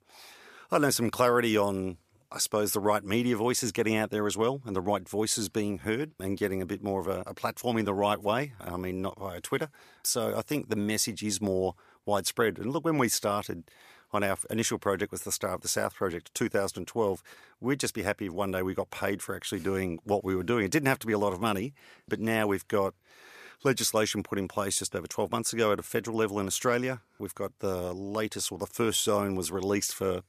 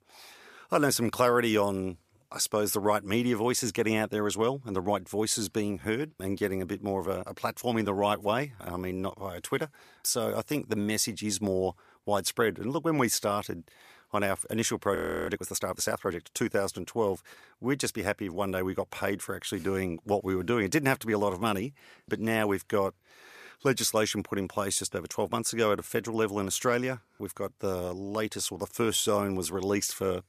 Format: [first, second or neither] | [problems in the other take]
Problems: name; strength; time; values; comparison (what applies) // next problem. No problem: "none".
first | audio freezing; at 15 s